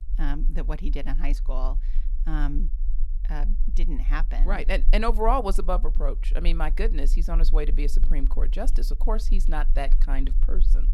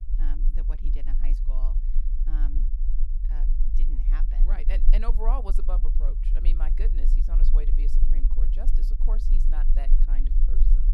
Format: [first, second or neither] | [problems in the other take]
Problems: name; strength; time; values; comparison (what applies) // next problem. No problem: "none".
first | low rumble; loud; throughout; 8 dB below the speech; faint in the first